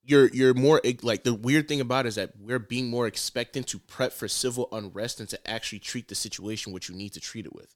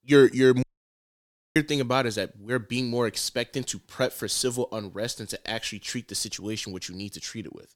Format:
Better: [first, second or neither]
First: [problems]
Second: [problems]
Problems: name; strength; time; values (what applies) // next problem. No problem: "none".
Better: first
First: none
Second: audio cutting out; at 0.5 s for 1 s